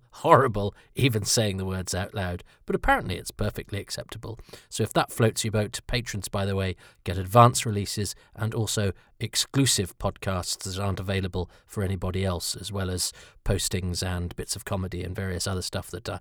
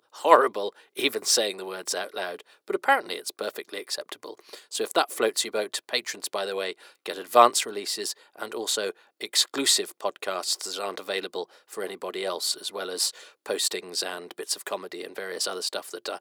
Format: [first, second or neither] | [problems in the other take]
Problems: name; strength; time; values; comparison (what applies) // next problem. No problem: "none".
first | thin; very; fading below 350 Hz